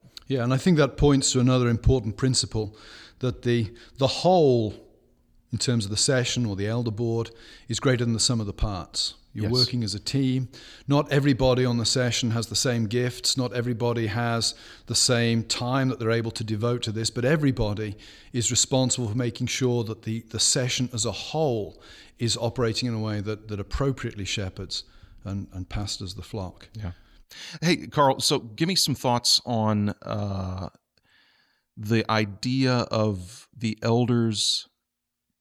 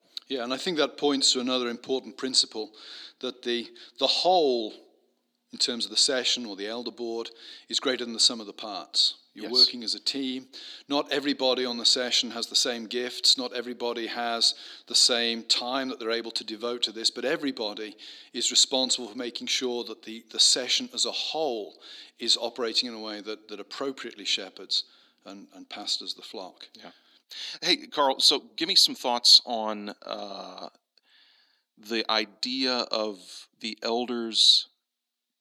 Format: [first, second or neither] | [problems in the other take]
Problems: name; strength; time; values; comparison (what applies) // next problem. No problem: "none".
first | thin; somewhat; fading below 250 Hz